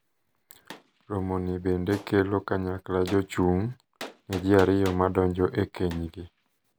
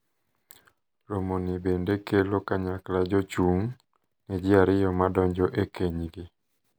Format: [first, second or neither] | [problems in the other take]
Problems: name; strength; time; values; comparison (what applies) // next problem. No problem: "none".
second | background sound (Gunshot, gunfire); 20 dB below the speech